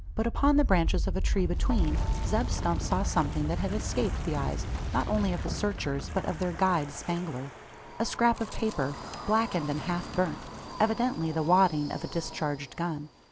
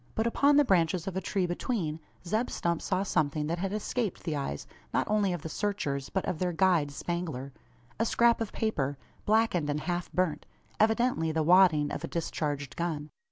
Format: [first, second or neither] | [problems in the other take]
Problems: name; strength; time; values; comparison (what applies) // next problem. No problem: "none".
second | background sound (Wind); 3 dB below the speech